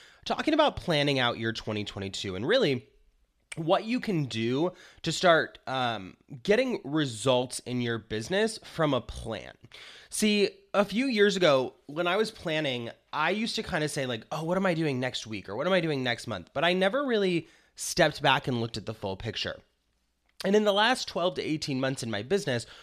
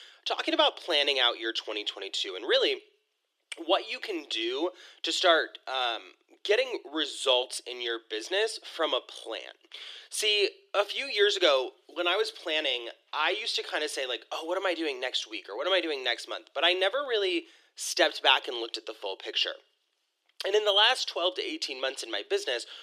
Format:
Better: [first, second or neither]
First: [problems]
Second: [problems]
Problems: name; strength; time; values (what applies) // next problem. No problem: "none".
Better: first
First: none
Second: thin; very; fading below 350 Hz